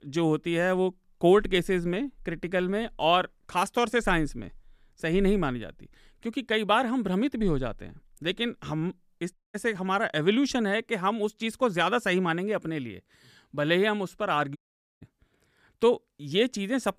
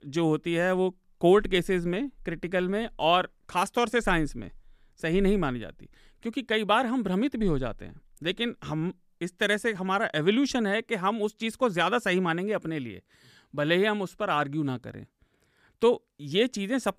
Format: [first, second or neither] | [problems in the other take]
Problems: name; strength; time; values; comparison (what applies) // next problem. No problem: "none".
second | audio cutting out; at 9.5 s and at 15 s